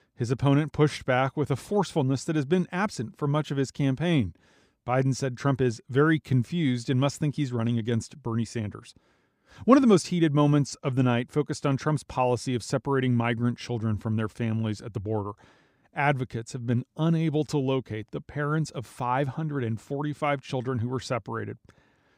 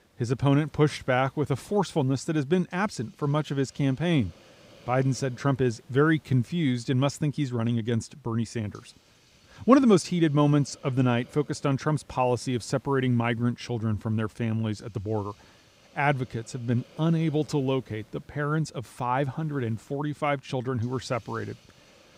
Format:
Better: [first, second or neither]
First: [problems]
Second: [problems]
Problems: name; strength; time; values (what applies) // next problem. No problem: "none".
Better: first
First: none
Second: hiss; faint; throughout; 30 dB below the speech